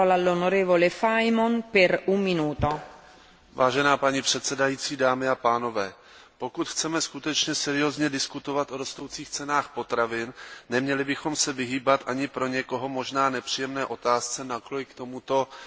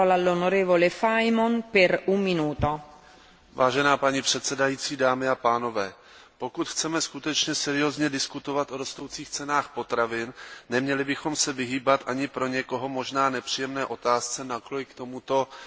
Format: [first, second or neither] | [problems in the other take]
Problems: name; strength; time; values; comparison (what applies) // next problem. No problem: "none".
second | background sound (Clapping); 19 dB below the speech